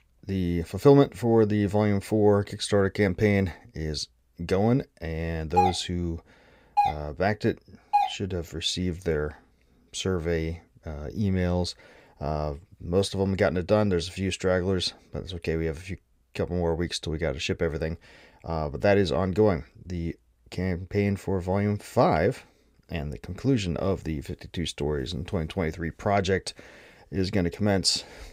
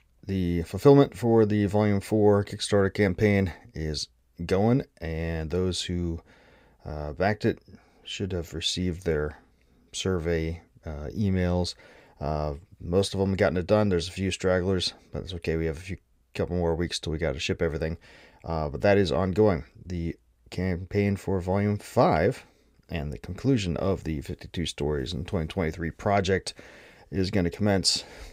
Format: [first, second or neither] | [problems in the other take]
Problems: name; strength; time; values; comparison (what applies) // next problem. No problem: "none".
second | doorbell; loud; from 5.5 to 8 s; peak 1 dB above the speech